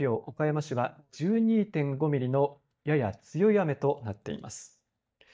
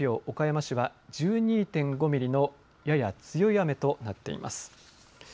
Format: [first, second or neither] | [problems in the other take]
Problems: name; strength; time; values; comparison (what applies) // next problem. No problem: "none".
second | noise reduction (neural mask model DeepFilterNet 3)